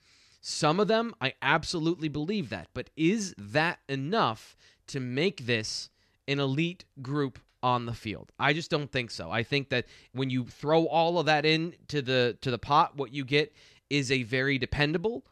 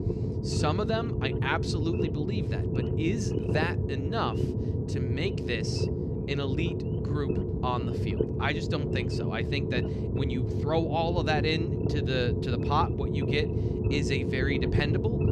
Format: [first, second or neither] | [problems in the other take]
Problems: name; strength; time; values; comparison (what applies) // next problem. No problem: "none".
first | low rumble; loud; throughout; 4 dB below the speech